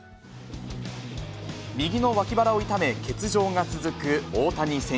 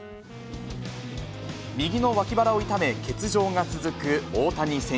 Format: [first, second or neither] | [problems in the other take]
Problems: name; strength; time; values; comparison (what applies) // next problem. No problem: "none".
first | background sound (Wind instrument, woodwind instrument); 18 dB below the speech